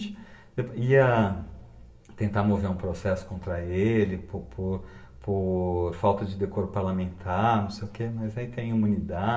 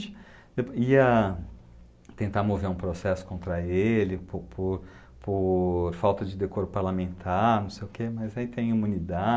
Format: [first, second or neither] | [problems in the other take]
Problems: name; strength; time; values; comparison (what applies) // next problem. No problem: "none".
second | room echo; dies away in 0.7 s